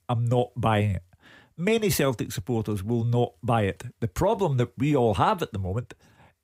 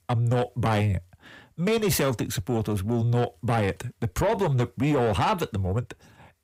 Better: first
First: none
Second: distortion; slight; 10 dB below the speech

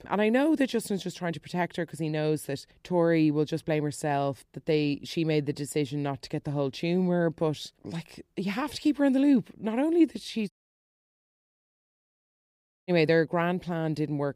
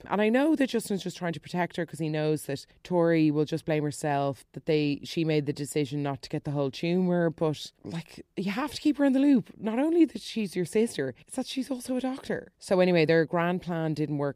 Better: second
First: audio cutting out; at 11 s for 2.5 s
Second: none

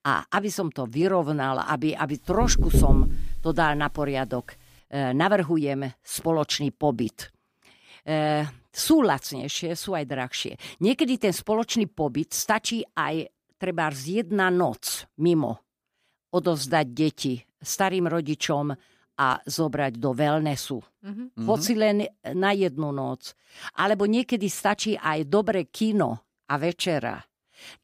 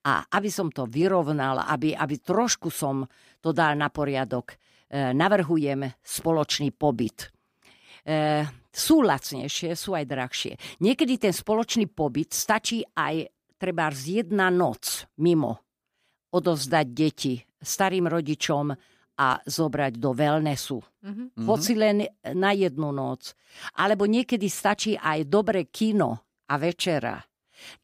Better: second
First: door banging; loud; from 2.5 to 4 s; peak 4 dB above the speech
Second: none

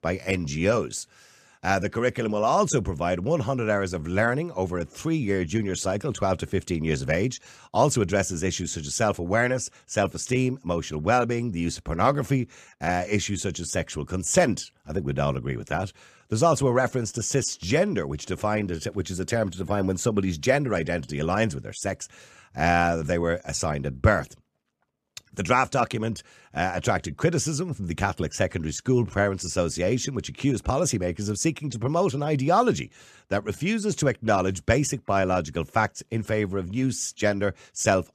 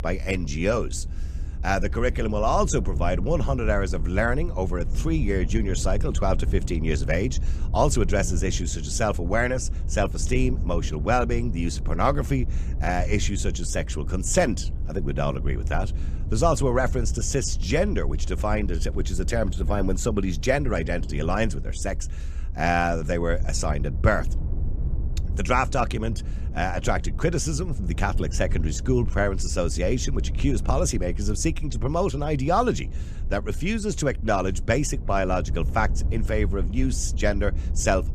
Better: first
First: none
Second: low rumble; noticeable; throughout; 20 dB below the speech

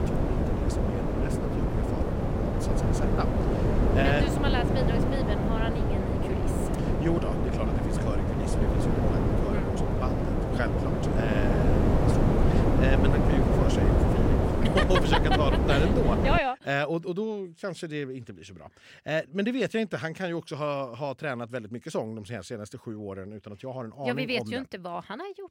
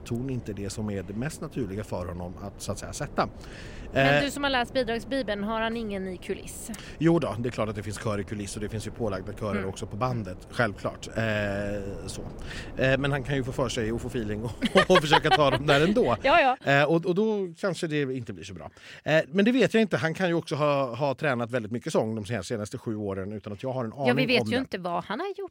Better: second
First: wind noise on the microphone; heavy; until 16 s; 1 dB above the speech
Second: wind noise on the microphone; occasional gusts; until 16 s; 25 dB below the speech

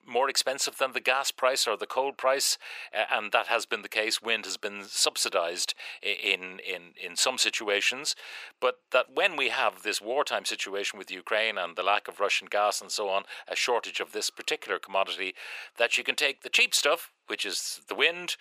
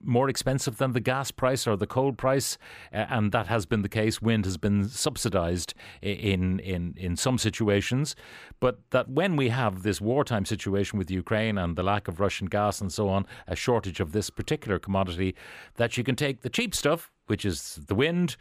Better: second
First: thin; very; fading below 550 Hz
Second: none

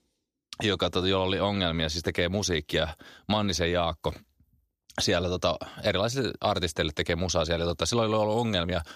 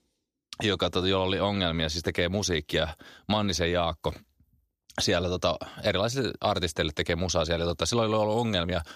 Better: neither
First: none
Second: none

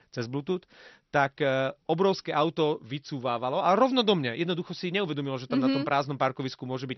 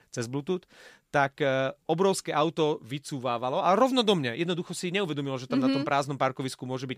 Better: second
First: garbled, watery; slightly; nothing above 6 kHz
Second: none

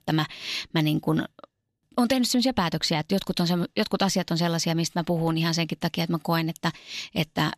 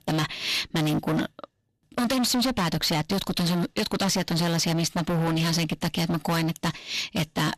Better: first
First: none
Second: distortion; heavy; 27% of the sound clipped

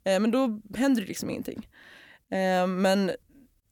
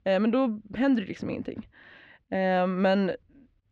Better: first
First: none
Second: muffled; slightly; fading above 3 kHz

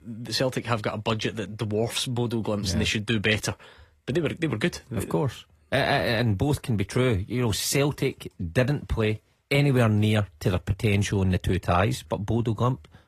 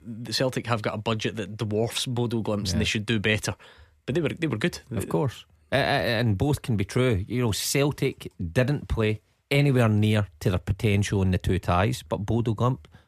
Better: second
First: garbled, watery; slightly; nothing above 14.5 kHz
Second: none

